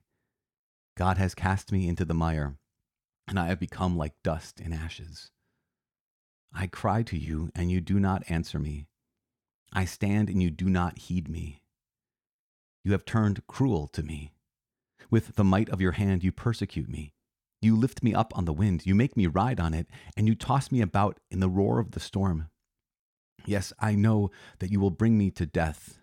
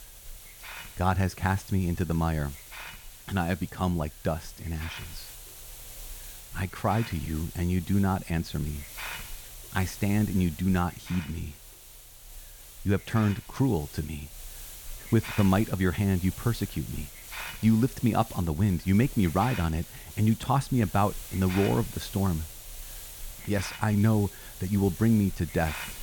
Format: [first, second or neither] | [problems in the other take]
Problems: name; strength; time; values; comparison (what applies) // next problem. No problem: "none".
first | hiss; noticeable; throughout; 15 dB below the speech